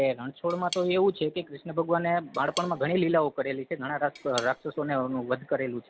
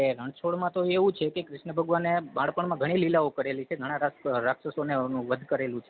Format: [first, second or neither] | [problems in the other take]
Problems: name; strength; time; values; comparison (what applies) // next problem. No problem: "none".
second | background sound (Cutlery, silverware / Tap); 16 dB below the speech